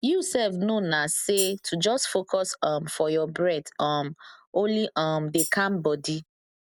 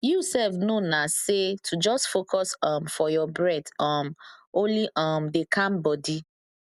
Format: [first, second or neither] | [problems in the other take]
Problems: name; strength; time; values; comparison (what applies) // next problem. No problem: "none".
second | background sound (Tambourine); 9 dB below the speech